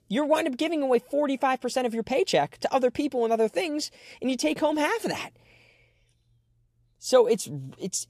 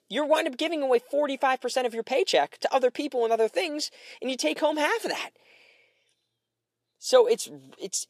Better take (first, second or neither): first